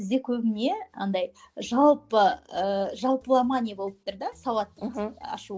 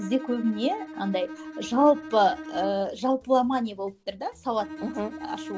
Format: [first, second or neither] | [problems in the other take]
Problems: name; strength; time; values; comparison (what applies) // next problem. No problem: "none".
first | background sound (Bowed string instrument); 13 dB below the speech